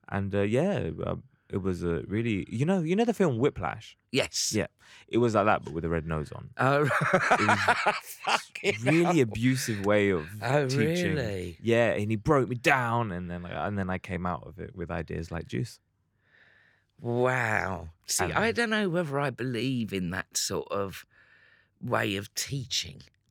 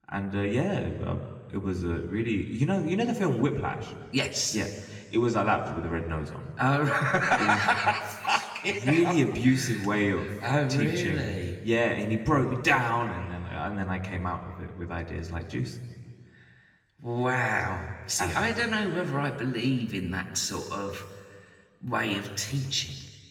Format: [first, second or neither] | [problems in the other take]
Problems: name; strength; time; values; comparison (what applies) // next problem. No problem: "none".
first | room echo; slight; dies away in 1.4 s // off-mic speech; somewhat distant